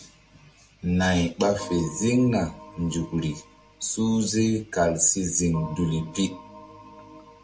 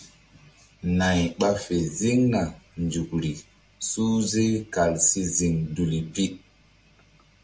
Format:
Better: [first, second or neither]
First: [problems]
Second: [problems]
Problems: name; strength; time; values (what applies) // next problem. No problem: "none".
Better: second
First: background sound (Organ); 20 dB below the speech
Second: none